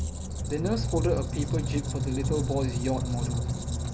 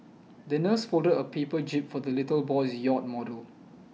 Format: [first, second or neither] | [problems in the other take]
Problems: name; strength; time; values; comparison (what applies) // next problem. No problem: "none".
second | background sound (Squeak); 3 dB above the speech